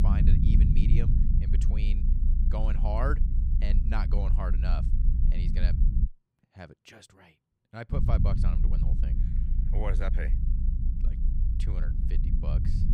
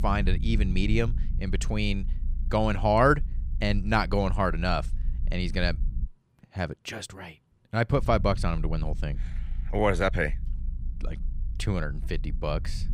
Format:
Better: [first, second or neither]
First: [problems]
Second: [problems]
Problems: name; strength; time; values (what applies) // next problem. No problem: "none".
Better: second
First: low rumble; loud; until 6 s and from 8 s on; 4 dB below the speech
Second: low rumble; faint; until 6 s and from 8 s on; 25 dB below the speech